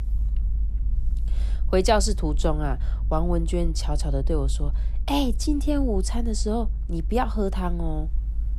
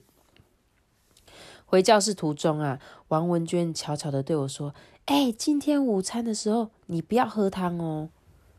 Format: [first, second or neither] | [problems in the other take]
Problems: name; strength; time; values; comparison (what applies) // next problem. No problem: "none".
second | low rumble; faint; throughout; 20 dB below the speech